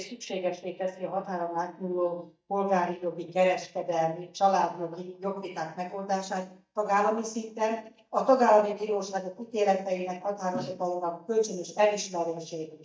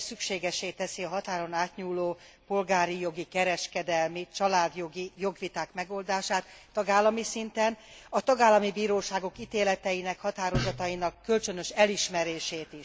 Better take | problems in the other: second | noise reduction (neural mask model DeepFilterNet 3)

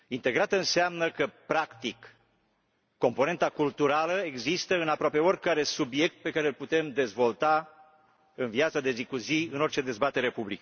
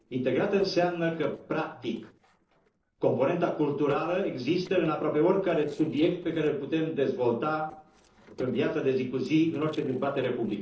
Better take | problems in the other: first | noise reduction (neural separator model SepFormer DNS4)

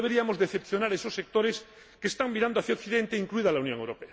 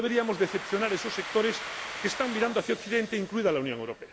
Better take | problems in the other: first | background sound (Domestic sounds, home sounds); 10 dB below the speech

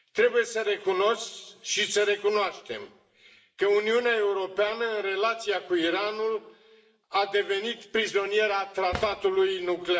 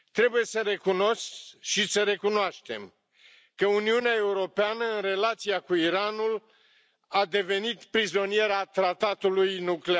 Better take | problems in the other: second | background sound (Drawer open or close); 14 dB below the speech // room echo; dies away in 1.4 s

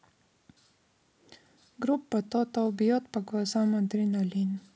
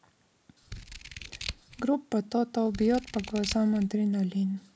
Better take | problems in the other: first | background sound (Scissors); 12 dB below the speech

